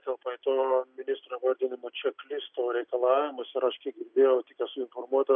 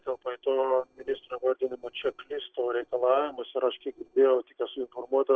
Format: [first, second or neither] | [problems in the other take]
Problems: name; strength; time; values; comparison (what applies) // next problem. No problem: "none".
first | noise reduction (neural separator model SepFormer DNS4)